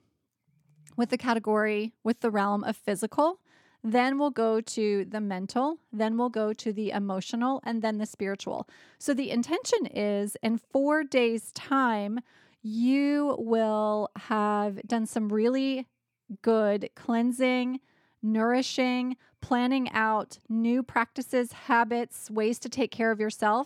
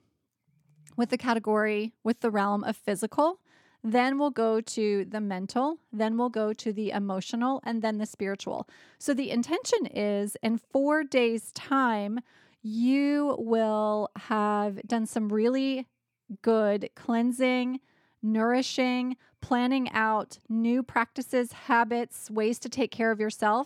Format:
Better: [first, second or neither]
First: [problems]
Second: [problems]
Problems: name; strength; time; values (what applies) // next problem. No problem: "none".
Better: neither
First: none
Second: none